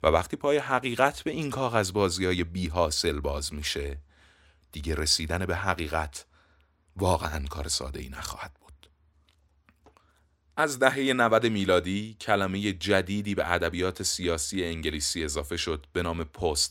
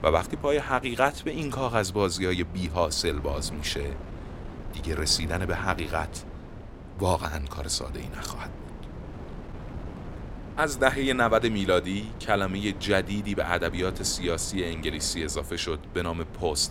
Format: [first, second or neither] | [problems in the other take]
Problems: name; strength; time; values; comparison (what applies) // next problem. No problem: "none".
first | wind noise on the microphone; occasional gusts; 20 dB below the speech